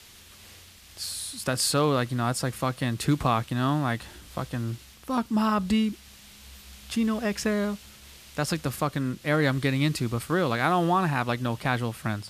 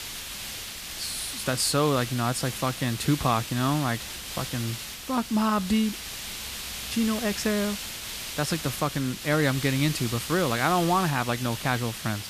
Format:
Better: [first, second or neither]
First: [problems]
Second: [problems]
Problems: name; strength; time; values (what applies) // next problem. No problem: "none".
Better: first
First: hiss; faint; throughout; 20 dB below the speech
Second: hiss; loud; throughout; 7 dB below the speech